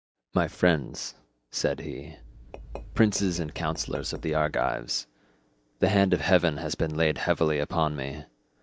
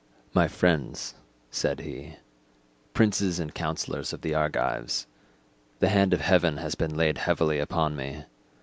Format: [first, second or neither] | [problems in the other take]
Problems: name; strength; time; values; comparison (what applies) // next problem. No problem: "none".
second | noise reduction (neural mask model DeepFilterNet 3)